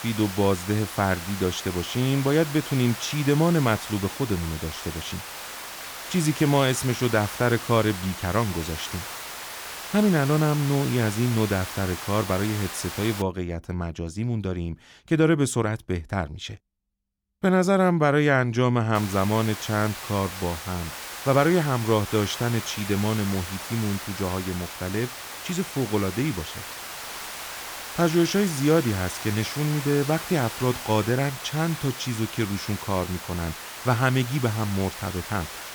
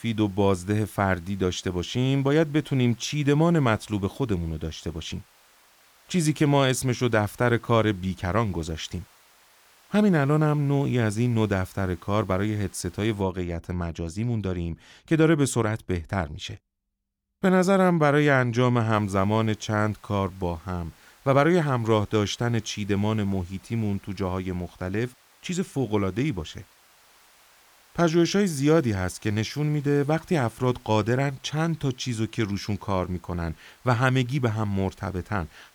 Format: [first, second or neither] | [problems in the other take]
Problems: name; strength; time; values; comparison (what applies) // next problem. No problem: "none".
second | hiss; loud; until 13 s and from 19 s on; 9 dB below the speech; faint in the second